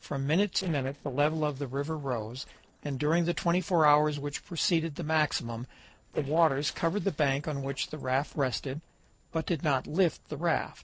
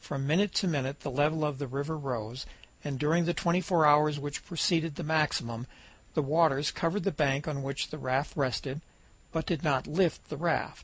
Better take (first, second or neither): second